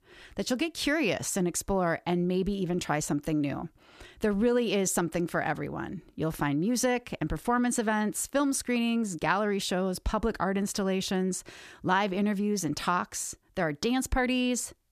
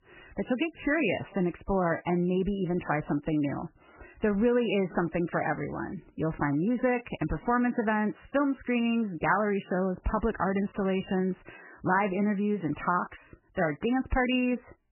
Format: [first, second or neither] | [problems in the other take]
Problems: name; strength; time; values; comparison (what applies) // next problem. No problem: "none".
first | garbled, watery; badly; nothing above 3 kHz